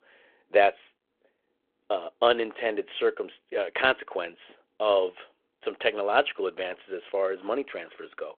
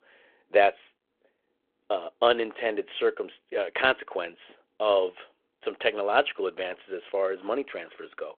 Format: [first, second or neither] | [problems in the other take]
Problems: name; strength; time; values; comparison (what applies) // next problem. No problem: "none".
neither | phone-call audio; the same in both